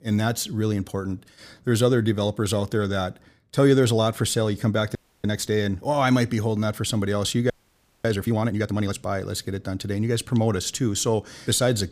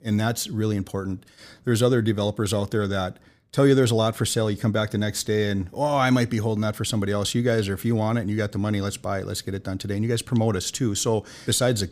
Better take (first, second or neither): second